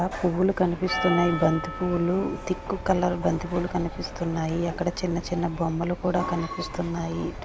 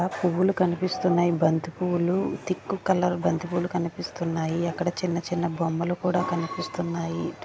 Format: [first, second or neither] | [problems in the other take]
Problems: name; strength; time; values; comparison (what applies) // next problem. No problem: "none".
second | background sound (Bird + Percussion); 11 dB below the speech